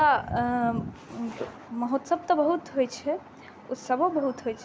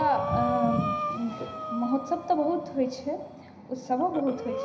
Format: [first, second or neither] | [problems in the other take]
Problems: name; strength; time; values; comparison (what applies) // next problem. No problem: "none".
first | background sound (Breathing); 6 dB below the speech // room echo; dies away in 0.9 s